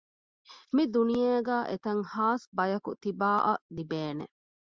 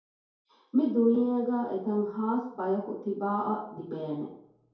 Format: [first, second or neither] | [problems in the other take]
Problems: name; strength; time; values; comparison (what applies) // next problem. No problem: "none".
first | room echo; dies away in 2.4 s